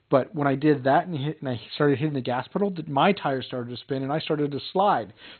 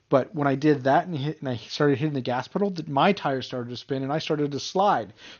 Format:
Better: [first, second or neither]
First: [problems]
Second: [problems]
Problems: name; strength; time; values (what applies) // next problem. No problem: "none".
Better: second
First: garbled, watery; badly; nothing above 4 kHz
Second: garbled, watery; slightly; nothing above 6.5 kHz